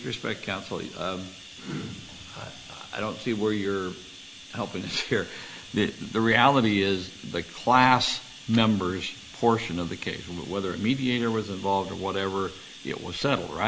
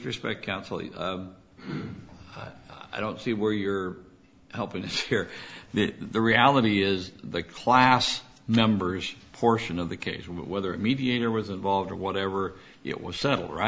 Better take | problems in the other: second | background sound (Bathtub (filling or washing)); 18 dB below the speech

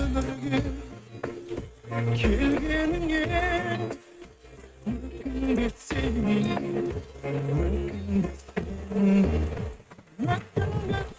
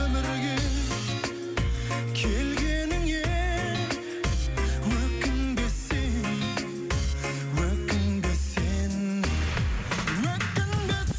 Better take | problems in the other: second | noise reduction (neural mask model RNNoise)

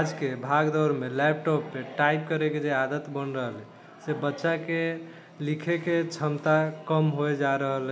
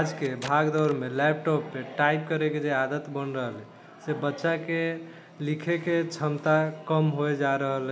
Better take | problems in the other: first | background sound (Packing tape, duct tape); 18 dB below the speech

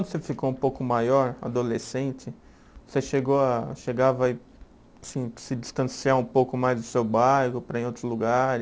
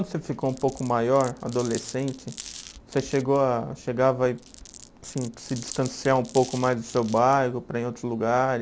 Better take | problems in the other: first | background sound (Glass); 18 dB below the speech

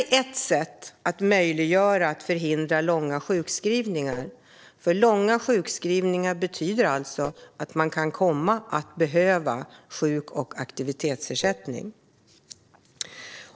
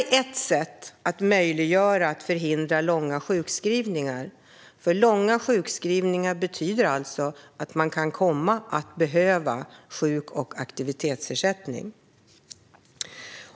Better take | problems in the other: second | noise reduction (neural separator model SepFormer DNS4)

